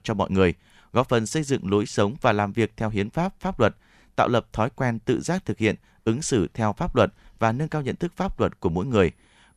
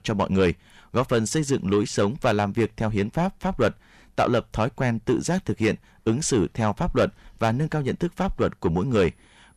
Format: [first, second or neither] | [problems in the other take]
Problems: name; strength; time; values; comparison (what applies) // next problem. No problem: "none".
first | distortion; slight; 10 dB below the speech